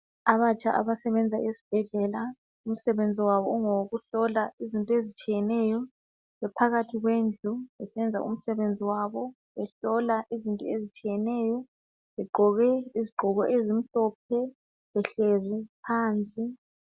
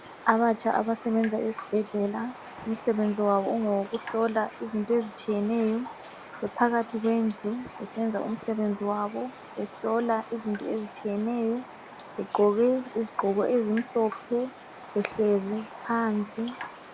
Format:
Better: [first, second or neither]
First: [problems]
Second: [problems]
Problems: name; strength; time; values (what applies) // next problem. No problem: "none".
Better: first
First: none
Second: background sound (Raindrop); 16 dB below the speech